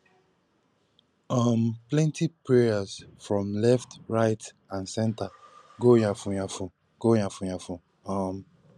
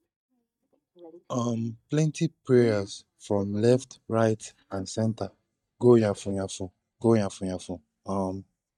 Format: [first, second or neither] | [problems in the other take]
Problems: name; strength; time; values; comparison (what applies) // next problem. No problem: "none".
first | noise reduction (neural mask model DeepFilterNet 3)